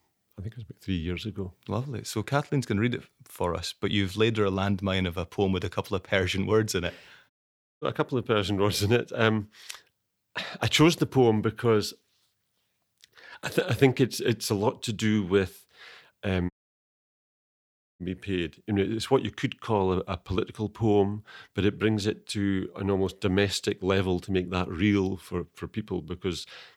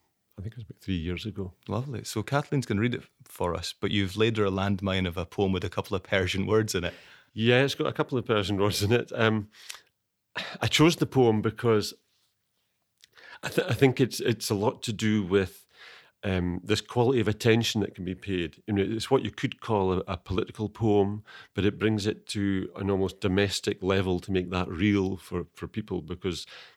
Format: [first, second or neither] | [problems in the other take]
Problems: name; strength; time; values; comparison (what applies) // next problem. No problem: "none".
second | audio cutting out; at 7.5 s for 0.5 s and at 17 s for 1.5 s